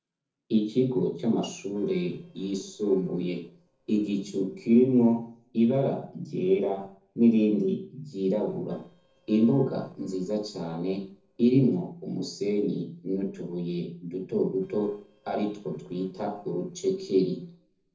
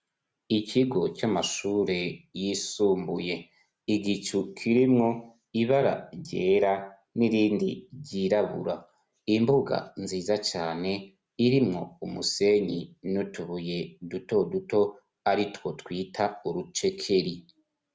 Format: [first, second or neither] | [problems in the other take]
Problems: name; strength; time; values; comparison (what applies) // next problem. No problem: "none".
second | noise reduction (neural separator model SepFormer DNS4)